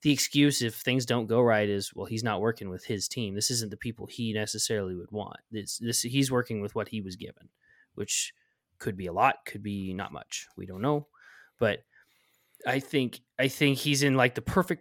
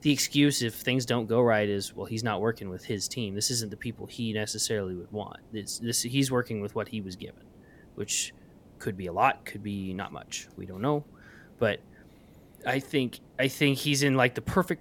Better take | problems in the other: first | hiss; faint; throughout; 25 dB below the speech

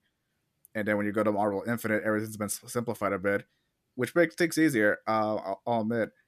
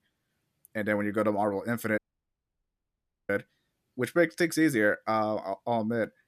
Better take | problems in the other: first | audio cutting out; at 2 s for 1.5 s

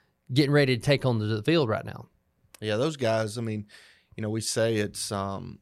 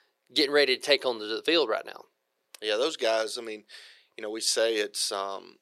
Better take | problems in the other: first | thin; very; fading below 400 Hz

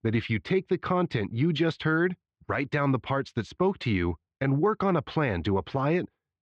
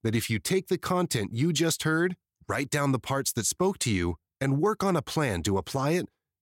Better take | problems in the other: second | muffled; very; fading above 3 kHz

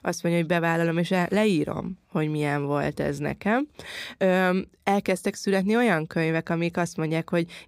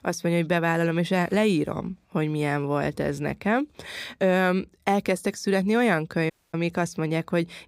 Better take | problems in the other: first | audio cutting out; at 6.5 s

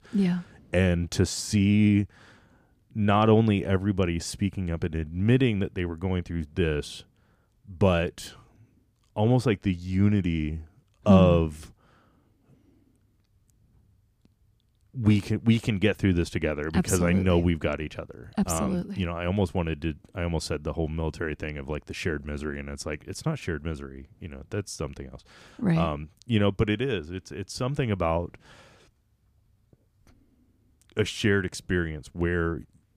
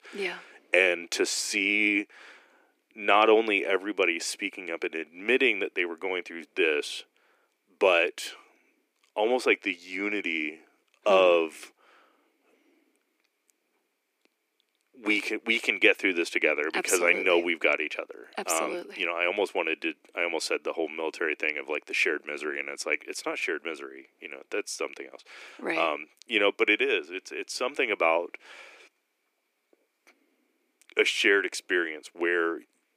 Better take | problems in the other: first | thin; very; fading below 300 Hz

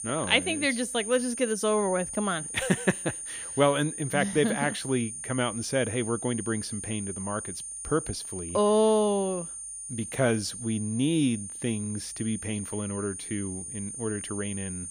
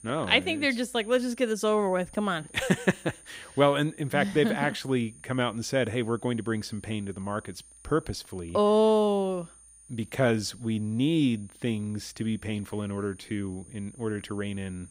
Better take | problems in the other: second | high-pitched whine; loud; throughout; 9 kHz, 7 dB below the speech; faint in the second

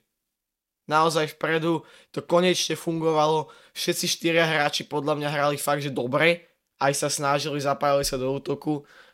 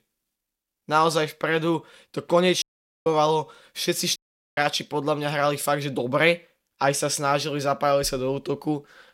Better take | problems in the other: first | audio cutting out; at 2.5 s and at 4 s

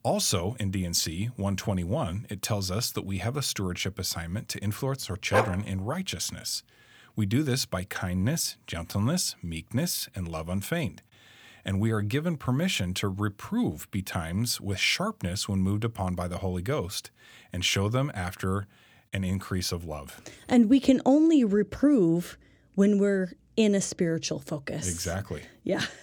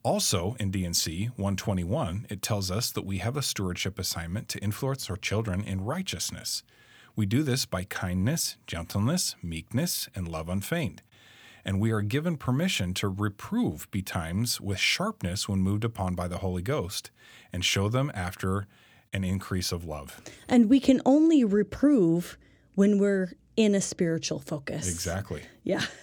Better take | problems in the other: second | dog barking; loud; at 5.5 s; peak 1 dB above the speech

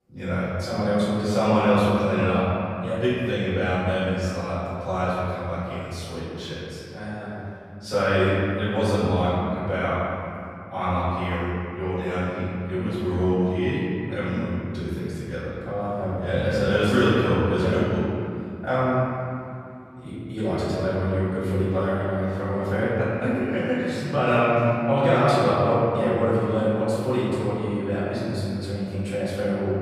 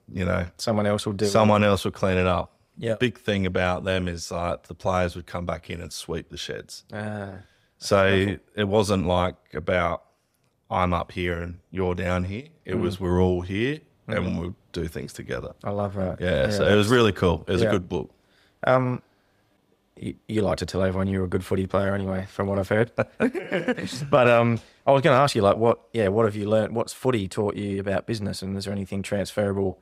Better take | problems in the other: second | off-mic speech; far // room echo; strong; dies away in 2.8 s

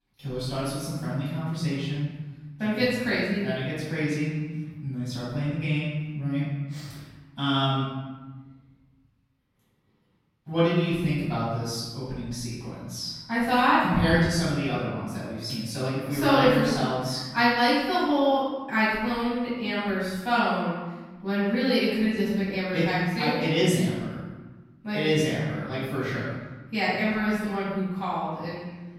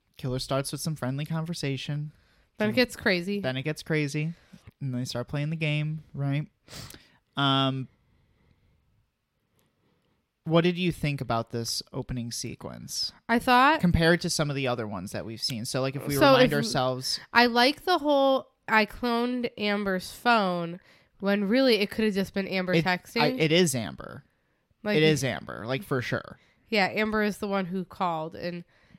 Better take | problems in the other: second | off-mic speech; far // room echo; strong; dies away in 1.2 s

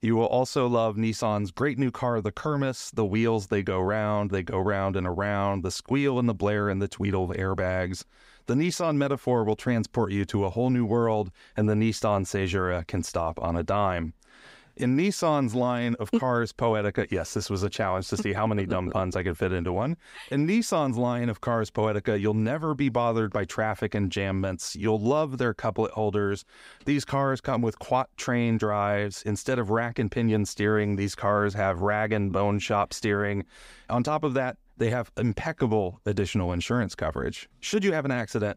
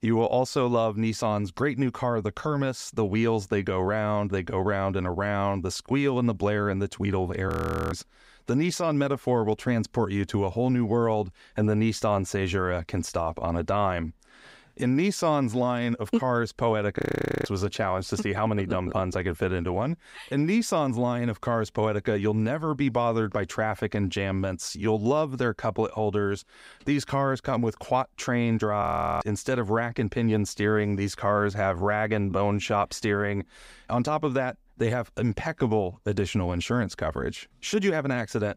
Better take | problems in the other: first | audio freezing; at 7.5 s, at 17 s and at 29 s

